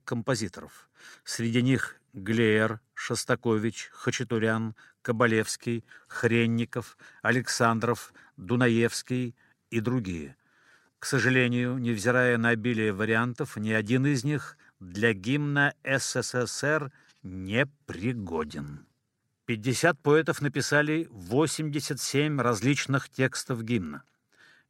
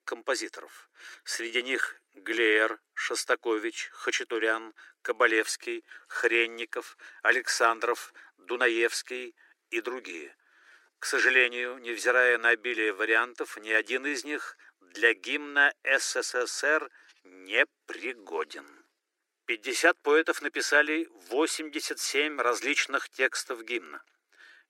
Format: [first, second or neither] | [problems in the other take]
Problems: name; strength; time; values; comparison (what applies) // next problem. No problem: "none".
first | thin; very; fading below 300 Hz